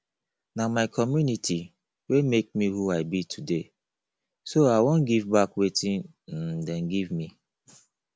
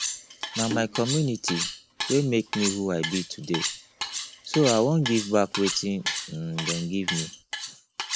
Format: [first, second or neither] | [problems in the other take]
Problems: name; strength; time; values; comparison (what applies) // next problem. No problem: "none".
first | background sound (Cutlery, silverware); 6 dB below the speech